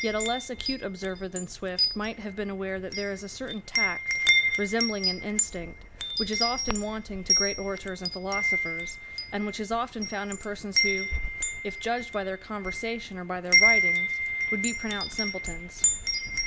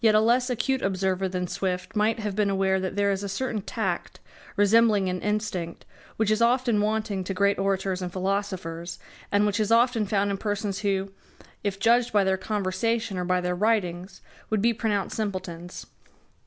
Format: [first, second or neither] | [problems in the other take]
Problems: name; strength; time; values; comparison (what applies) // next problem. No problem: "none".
second | background sound (Wind chime); 4 dB above the speech